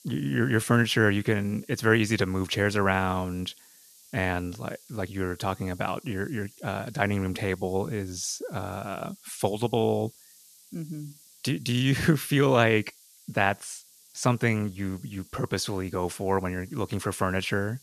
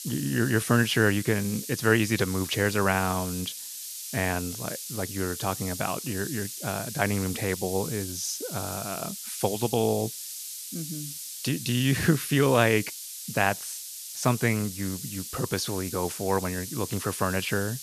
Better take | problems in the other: first | hiss; loud; throughout; 8 dB below the speech; faint in the first

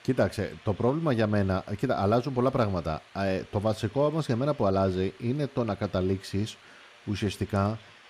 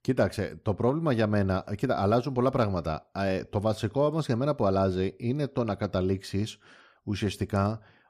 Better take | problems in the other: second | hiss; faint; throughout; 25 dB below the speech

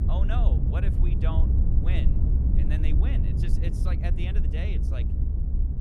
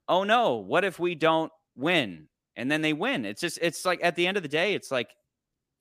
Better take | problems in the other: second | low rumble; loud; throughout; 1 dB below the speech

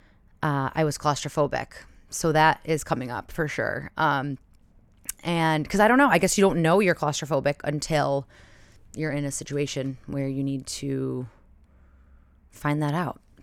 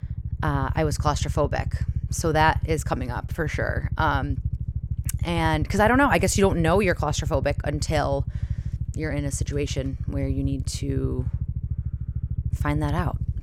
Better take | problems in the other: first | low rumble; noticeable; throughout; 20 dB below the speech

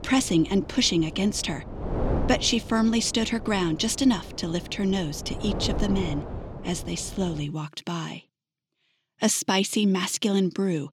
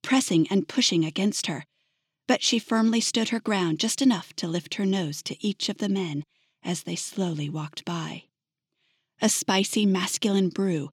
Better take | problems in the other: second | wind noise on the microphone; occasional gusts; until 7.5 s; 10 dB below the speech

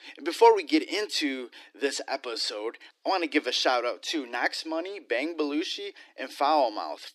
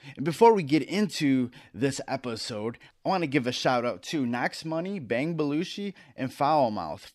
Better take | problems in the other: second | thin; somewhat; fading below 300 Hz

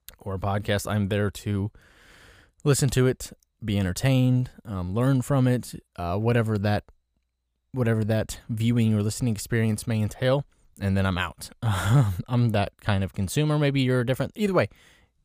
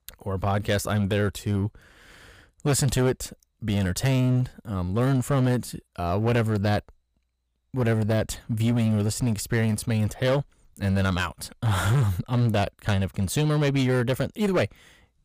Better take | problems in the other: first | distortion; slight; 10% of the sound clipped

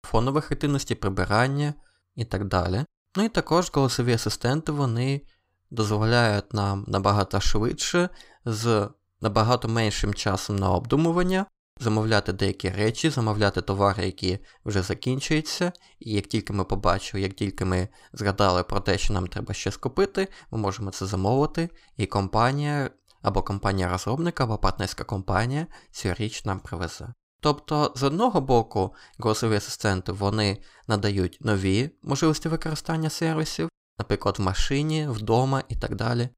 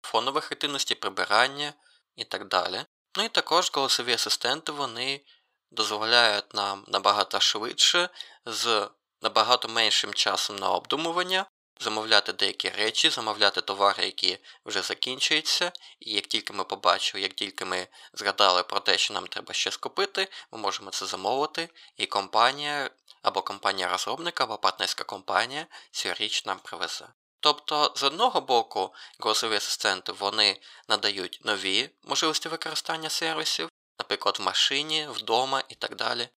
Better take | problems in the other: first | thin; very; fading below 650 Hz

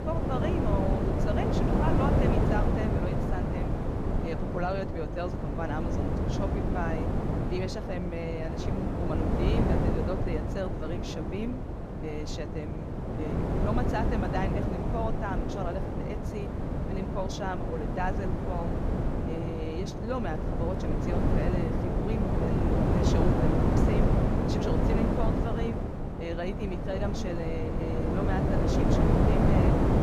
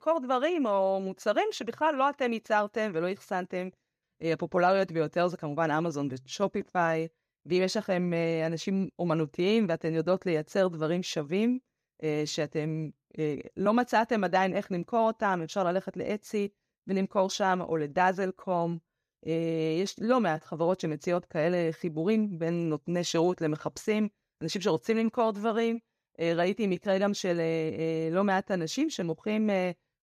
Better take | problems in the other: second | wind noise on the microphone; heavy; 3 dB above the speech

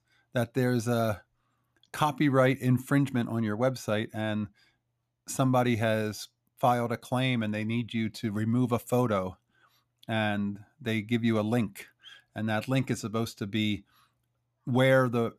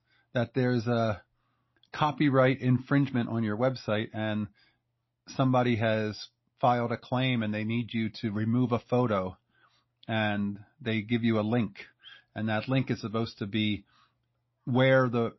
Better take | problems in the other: first | garbled, watery; slightly; nothing above 5.5 kHz

